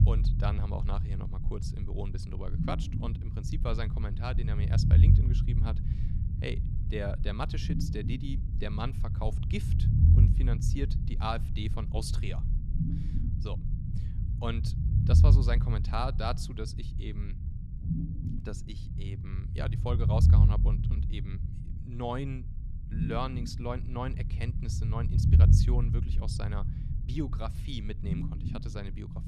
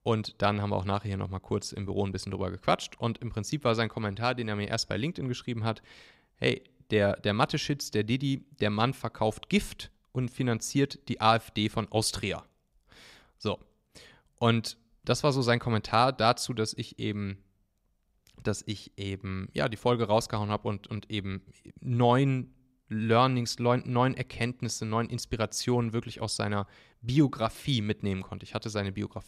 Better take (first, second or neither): second